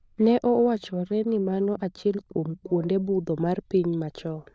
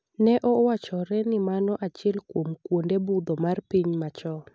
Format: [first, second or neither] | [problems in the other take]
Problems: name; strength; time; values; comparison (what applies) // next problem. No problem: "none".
second | noise reduction (neural diffusion model UNIVERSE++)